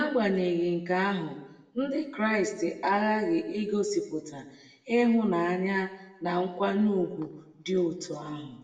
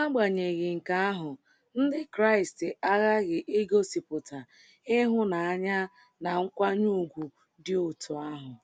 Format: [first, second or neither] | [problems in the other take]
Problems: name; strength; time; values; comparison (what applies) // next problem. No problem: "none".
second | room echo; dies away in 0.8 s